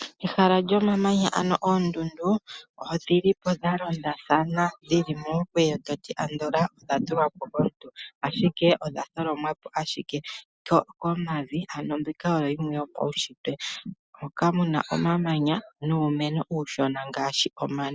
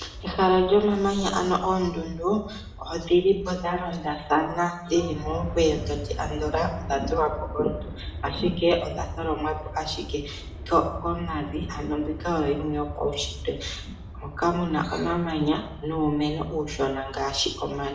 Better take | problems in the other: first | background sound (Aircraft); 11 dB below the speech // room echo; dies away in 0.6 s

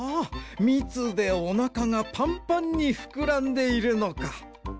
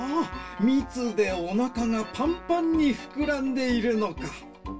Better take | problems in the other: first | background sound (Trumpet); 19 dB below the speech // room echo; dies away in 0.2 s

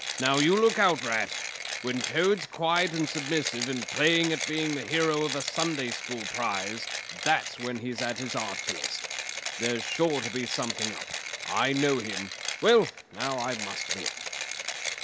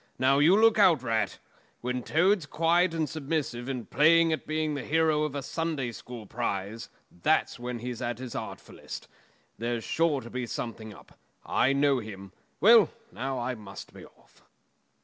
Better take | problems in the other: second | background sound (Mechanisms); 6 dB below the speech

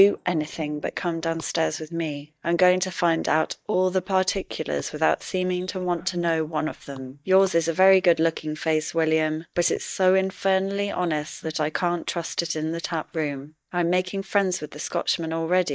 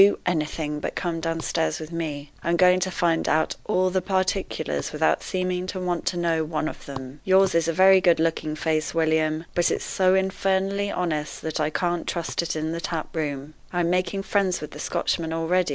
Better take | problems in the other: second | noise reduction (neural mask model DeepFilterNet 3)

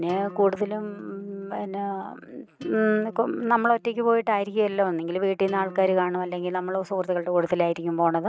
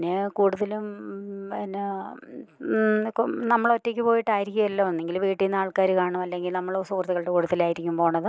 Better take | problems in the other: second | noise reduction (neural mask model RNNoise)

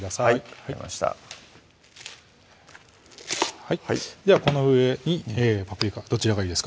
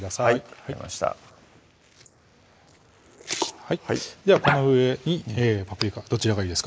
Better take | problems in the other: first | noise reduction (neural mask model Resemble Enhance denoiser)

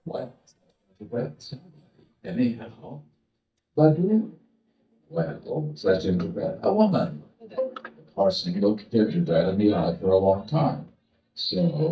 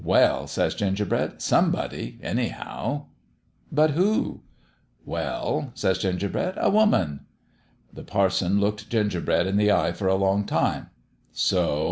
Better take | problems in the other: second | noise reduction (neural mask model DeepFilterNet 3)

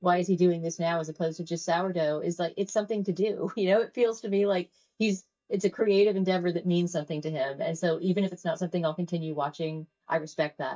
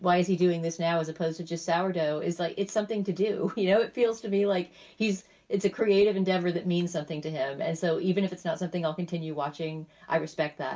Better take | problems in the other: second | noise reduction (neural mask model DeepFilterNet 3)

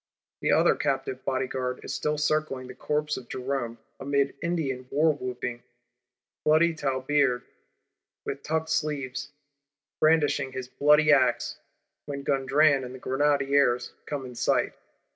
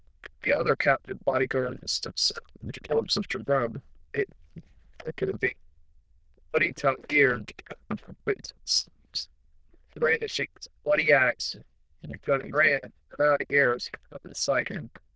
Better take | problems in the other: first | noise reduction (neural diffusion model UNIVERSE++)

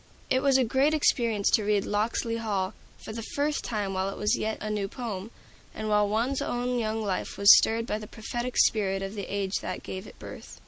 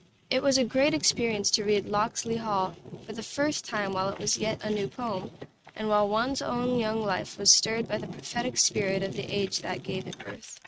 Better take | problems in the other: first | noise reduction (neural mask model RNNoise)

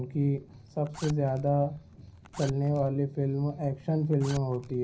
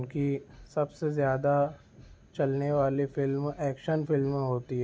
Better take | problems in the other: second | background sound (Zipper (clothing)); 20 dB below the speech // room echo; dies away in 0.4 s

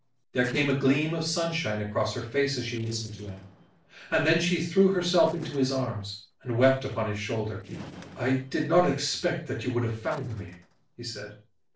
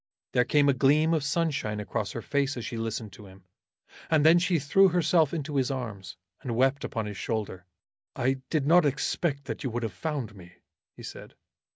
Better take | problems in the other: second | noise reduction (neural separator model SepFormer DNS4)

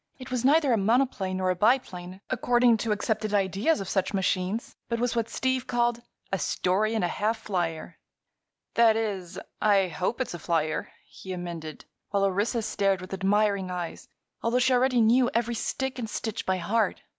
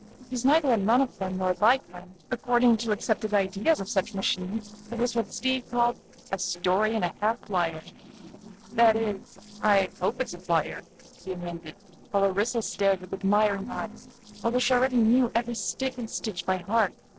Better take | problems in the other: first | noise reduction (neural separator model SepFormer DNS4)

